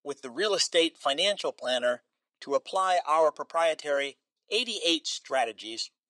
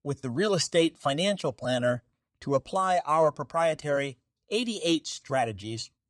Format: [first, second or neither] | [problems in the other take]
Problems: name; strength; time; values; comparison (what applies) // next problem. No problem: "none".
second | thin; somewhat; fading below 350 Hz